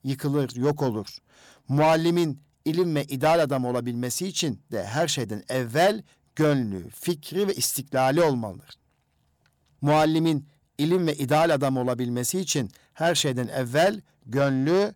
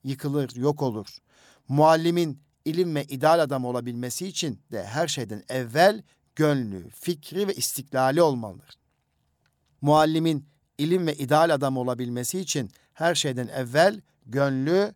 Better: second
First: distortion; slight; 10 dB below the speech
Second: none

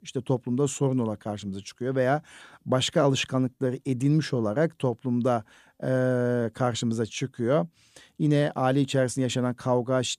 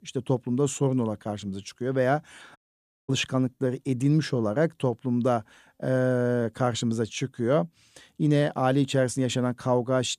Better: first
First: none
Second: audio cutting out; at 2.5 s for 0.5 s

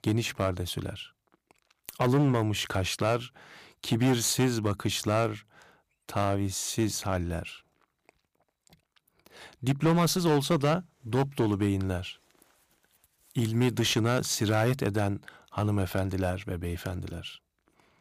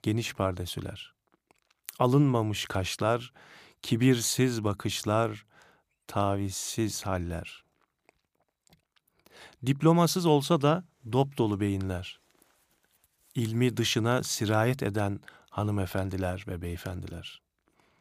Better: second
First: distortion; slight; 5% of the sound clipped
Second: none

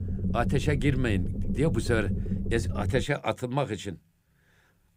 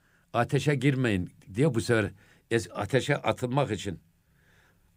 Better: second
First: low rumble; noticeable; until 3 s; 10 dB below the speech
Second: none

